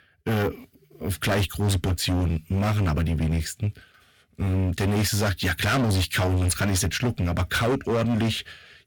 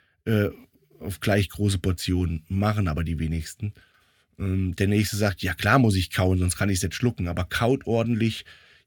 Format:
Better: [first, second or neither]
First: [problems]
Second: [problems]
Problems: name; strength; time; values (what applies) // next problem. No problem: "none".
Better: second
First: distortion; heavy; 22% of the sound clipped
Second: none